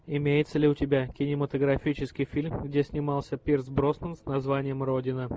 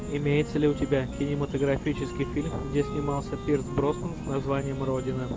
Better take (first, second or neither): first